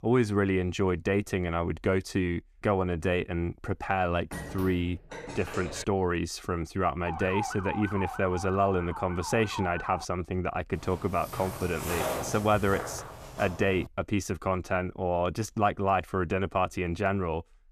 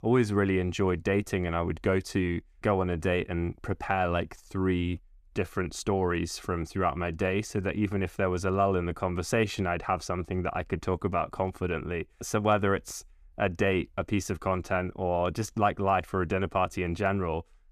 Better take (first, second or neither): second